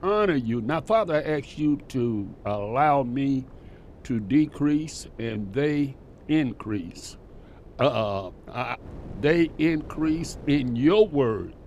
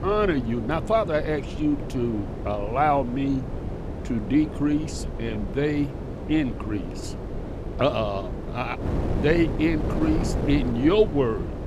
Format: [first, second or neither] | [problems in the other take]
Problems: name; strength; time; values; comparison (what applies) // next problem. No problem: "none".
first | wind noise on the microphone; heavy; 10 dB below the speech; occasional gusts in the first